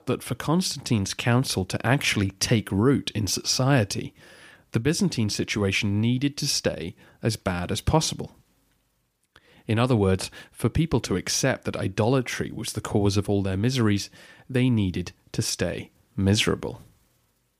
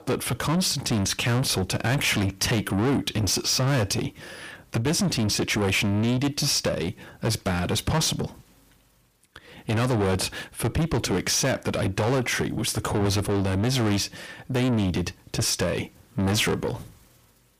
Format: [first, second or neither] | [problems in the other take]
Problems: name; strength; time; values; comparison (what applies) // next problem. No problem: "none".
first | distortion; heavy; 6 dB below the speech